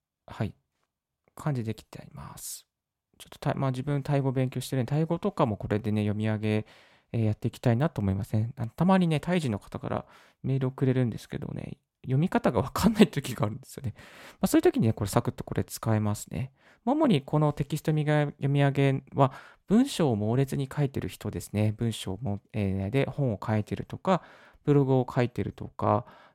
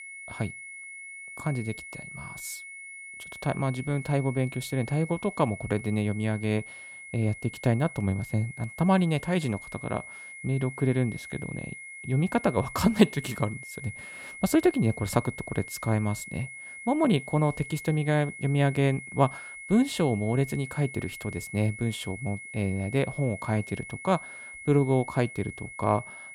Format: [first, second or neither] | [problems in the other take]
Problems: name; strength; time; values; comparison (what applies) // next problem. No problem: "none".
first | high-pitched whine; noticeable; throughout; 2 kHz, 10 dB below the speech